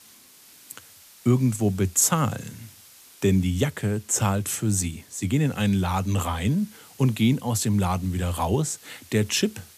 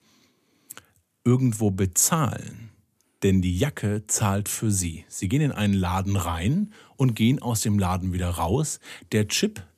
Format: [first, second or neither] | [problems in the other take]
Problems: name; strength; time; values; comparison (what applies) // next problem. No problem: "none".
second | hiss; faint; throughout; 25 dB below the speech